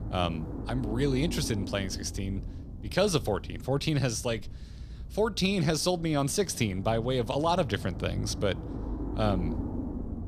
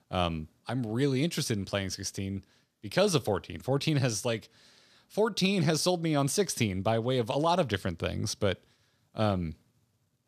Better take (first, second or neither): second